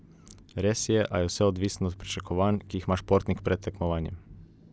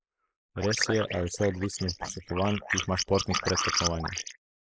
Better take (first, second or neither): first